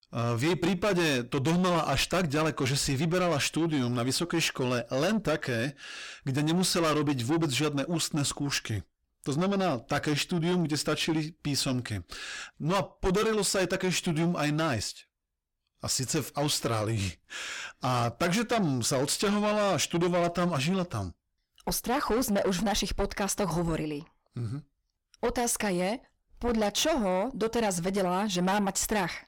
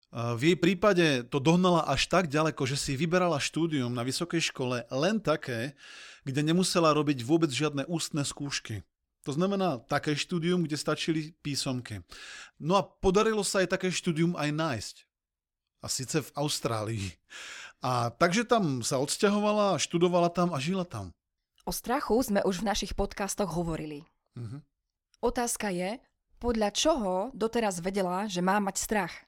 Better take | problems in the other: second | distortion; heavy; 7 dB below the speech

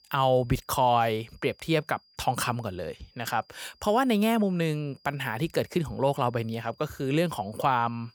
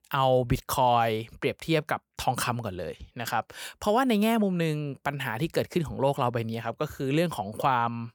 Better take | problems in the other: second | high-pitched whine; faint; throughout; 5 kHz, 30 dB below the speech

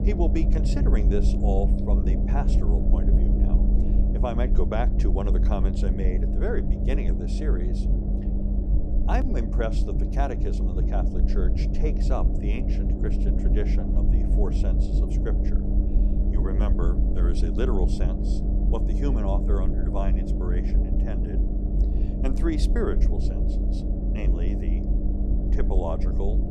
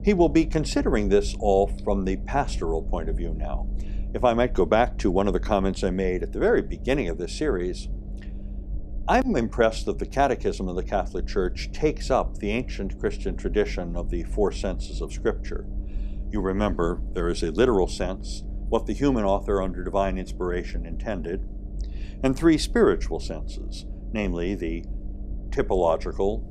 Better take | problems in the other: second | low rumble; loud; throughout; 3 dB below the speech; faint in the second

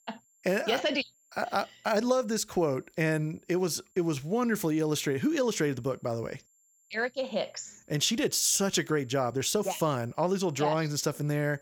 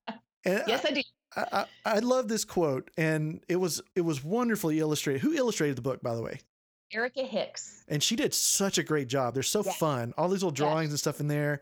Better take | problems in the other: second | high-pitched whine; faint; throughout; 7.5 kHz, 35 dB below the speech

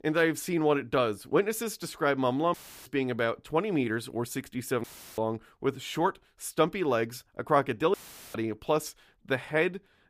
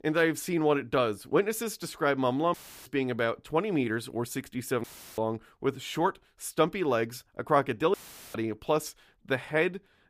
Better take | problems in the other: neither | audio cutting out; filled with static; at 2.5 s, at 5 s and at 8 s; the same in both

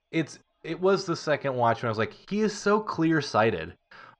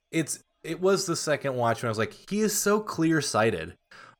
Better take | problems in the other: second | muffled; slightly; fading above 5 kHz

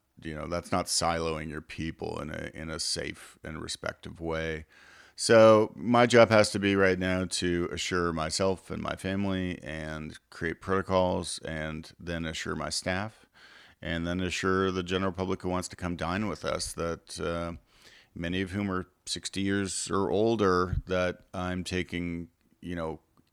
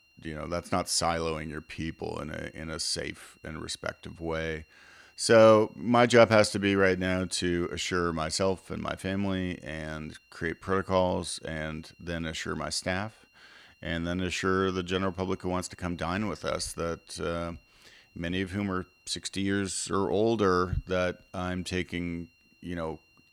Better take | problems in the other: first | high-pitched whine; faint; throughout; 3 kHz, 35 dB below the speech

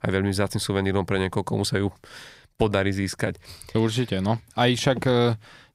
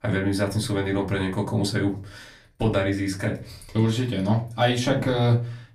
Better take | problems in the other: first | off-mic speech; far // room echo; very slight; dies away in 0.3 s

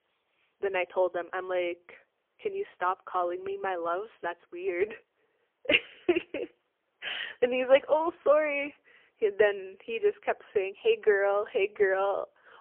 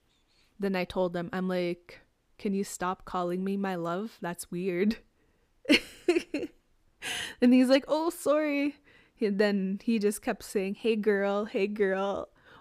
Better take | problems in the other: second | phone-call audio; poor line; nothing above 3 kHz

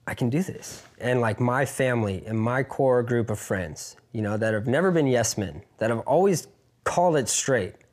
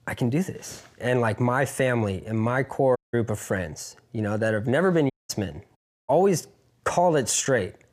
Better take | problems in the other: first | audio cutting out; at 3 s, at 5 s and at 6 s

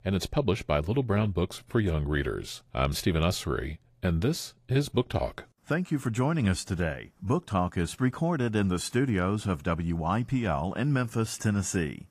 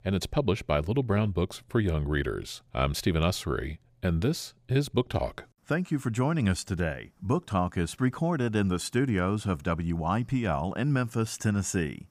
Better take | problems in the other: second | garbled, watery; slightly; nothing above 13.5 kHz

